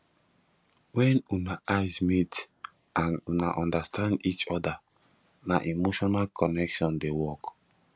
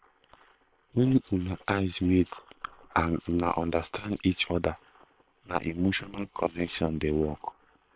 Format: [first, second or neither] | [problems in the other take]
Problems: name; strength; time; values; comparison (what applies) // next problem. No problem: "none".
first | noise reduction (neural separator model SepFormer WHAM!)